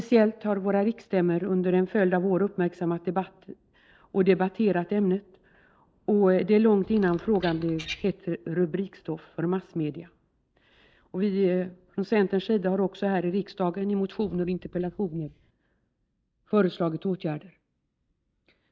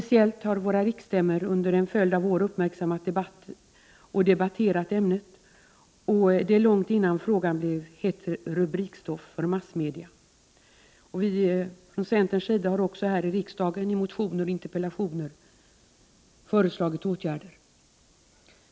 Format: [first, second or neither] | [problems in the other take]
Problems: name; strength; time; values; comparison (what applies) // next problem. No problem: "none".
second | noise reduction (neural mask model DeepFilterNet 3)